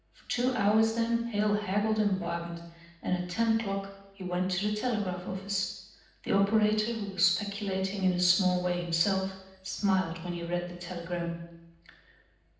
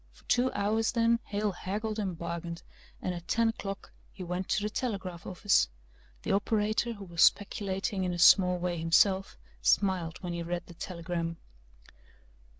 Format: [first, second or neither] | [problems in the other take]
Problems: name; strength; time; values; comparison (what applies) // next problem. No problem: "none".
second | room echo; dies away in 0.9 s